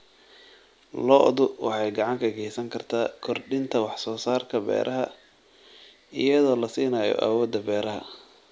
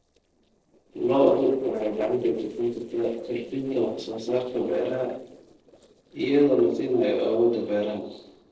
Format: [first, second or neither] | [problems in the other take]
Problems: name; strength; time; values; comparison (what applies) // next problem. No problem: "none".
first | noise reduction (neural separator model SepFormer DNS4)